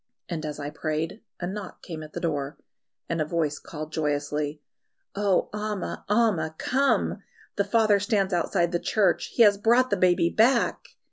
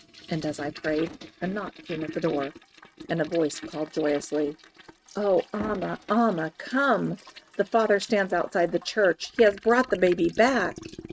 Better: first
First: none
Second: noise reduction (neural mask model RNNoise)

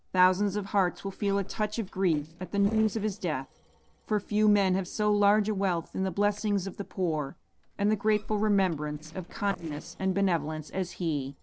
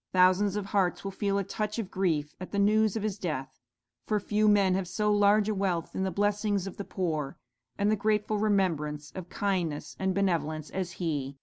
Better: second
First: noise reduction (neural separator model SepFormer DNS4)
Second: none

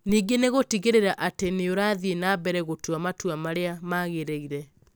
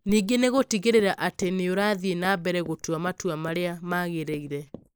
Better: first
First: none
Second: noise reduction (neural mask model Resemble Enhance denoiser)

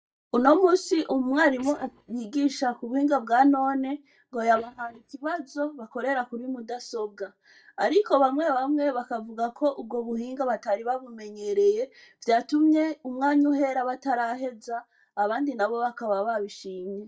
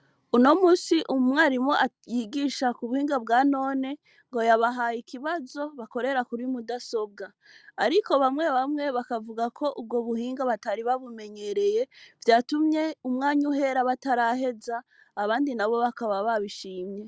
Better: second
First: noise reduction (neural mask model DeepFilterNet 3)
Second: none

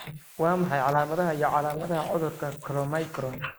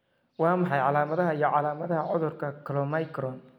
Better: second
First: noise reduction (neural mask model Resemble Enhance denoiser)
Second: none

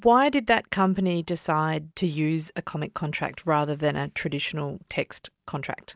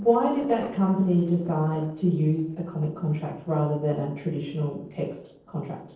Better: first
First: none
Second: noise reduction (neural separator model SepFormer DNS4)

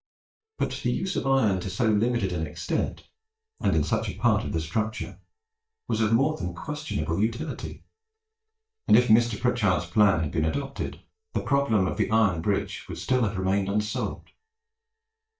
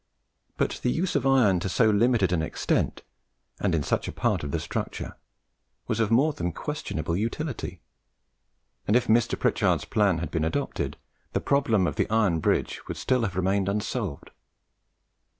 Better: second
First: noise reduction (neural mask model DeepFilterNet 3)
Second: none

